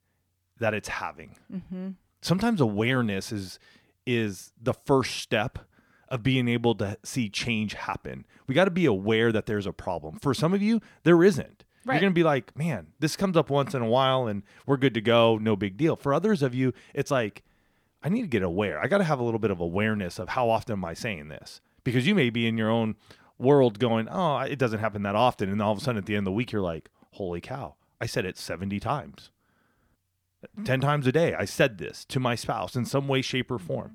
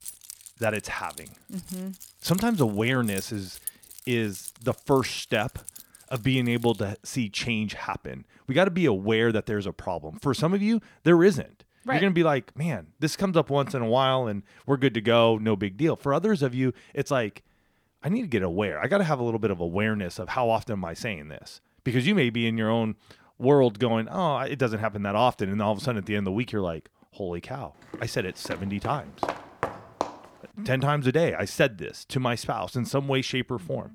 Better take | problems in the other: first | jangling keys; faint; until 7 s; peak 10 dB below the speech // footsteps; noticeable; from 28 to 30 s; peak 7 dB below the speech

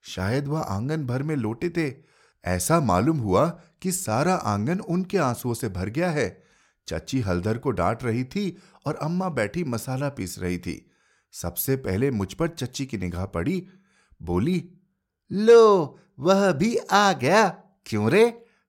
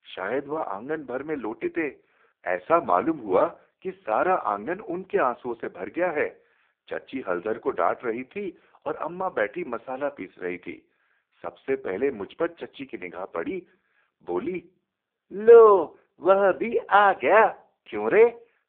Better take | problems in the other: first | phone-call audio; poor line

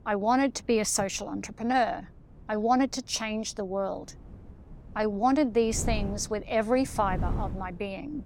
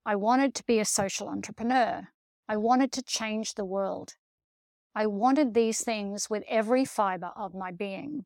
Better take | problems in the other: second | wind noise on the microphone; occasional gusts; 20 dB below the speech

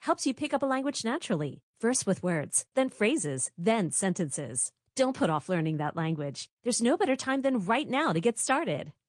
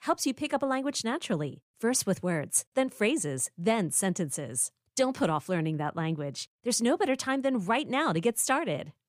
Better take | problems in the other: second | garbled, watery; slightly; nothing above 10 kHz

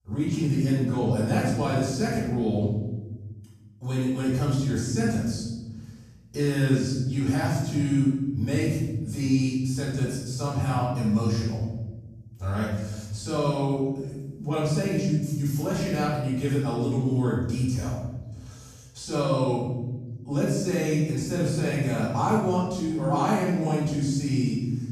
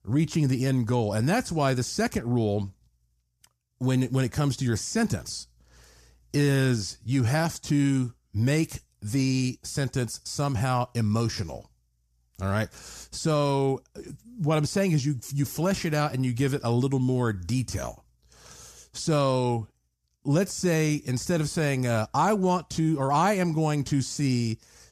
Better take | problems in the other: second | off-mic speech; far // room echo; noticeable; dies away in 1.4 s

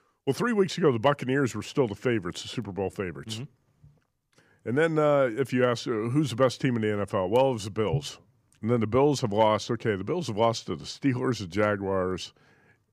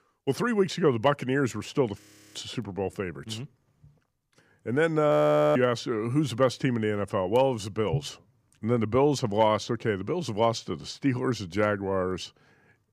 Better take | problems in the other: first | audio freezing; at 2 s and at 5 s

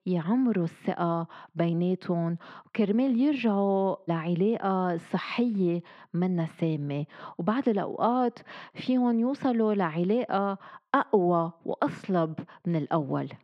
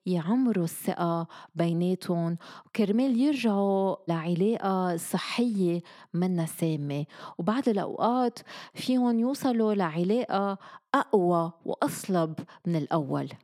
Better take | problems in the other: second | muffled; slightly; fading above 2.5 kHz

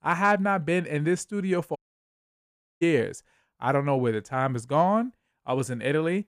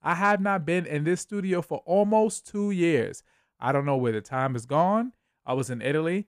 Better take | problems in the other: second | audio cutting out; at 2 s for 1 s

